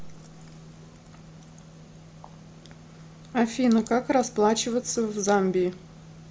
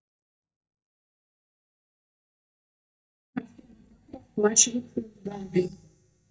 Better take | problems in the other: first | noise reduction (neural mask model DeepFilterNet 3)

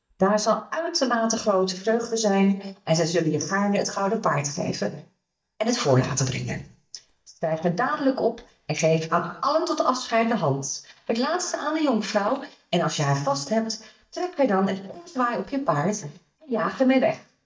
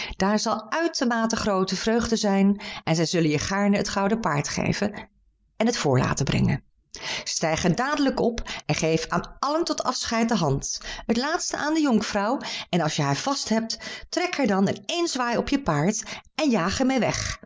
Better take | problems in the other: second | noise reduction (neural mask model DeepFilterNet 3)

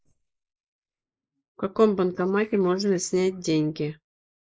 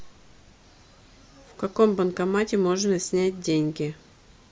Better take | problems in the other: second | noise reduction (neural mask model Resemble Enhance denoiser)

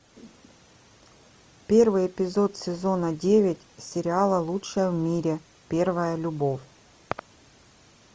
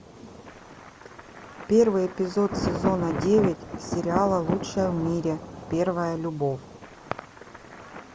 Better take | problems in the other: first | background sound (Thunder); 7 dB below the speech

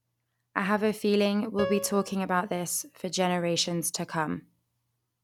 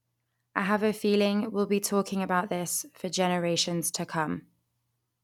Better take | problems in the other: second | background sound (Piano); 12 dB below the speech

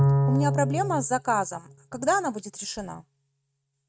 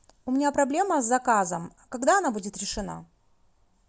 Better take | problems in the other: second | noise reduction (neural mask model RNNoise)

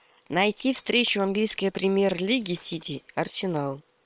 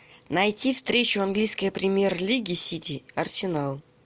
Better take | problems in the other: second | noise reduction (neural separator model SepFormer WHAM!)

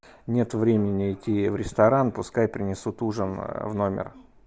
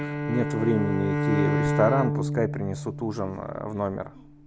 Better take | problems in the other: first | background sound (Bowed string instrument); 1 dB below the speech

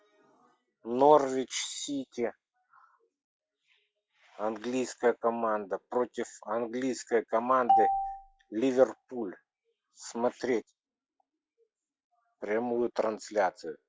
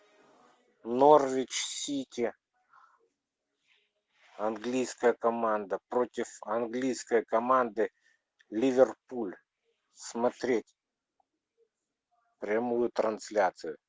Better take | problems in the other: second | noise reduction (classical method log-MMSE)

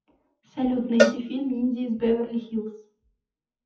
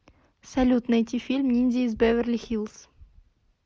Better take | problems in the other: second | noise reduction (classical method WPE with log-MMSE)

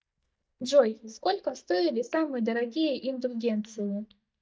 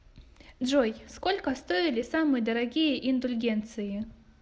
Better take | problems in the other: second | noise reduction (neural mask model DeepFilterNet 3)

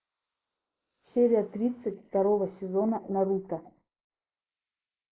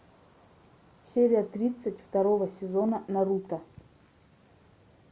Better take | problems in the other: second | noise reduction (neural mask model Resemble Enhance denoiser)

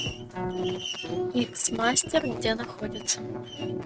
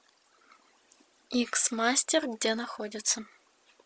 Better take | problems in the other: second | noise reduction (neural mask model RNNoise)

